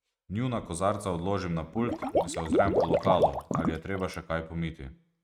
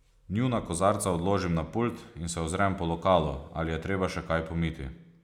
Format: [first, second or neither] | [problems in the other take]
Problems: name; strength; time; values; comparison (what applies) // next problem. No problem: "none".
second | noise reduction (neural mask model RNNoise)